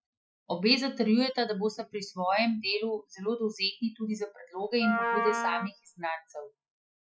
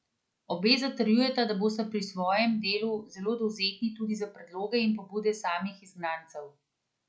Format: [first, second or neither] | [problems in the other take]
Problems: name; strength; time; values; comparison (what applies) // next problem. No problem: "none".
second | noise reduction (classical method spectral subtraction)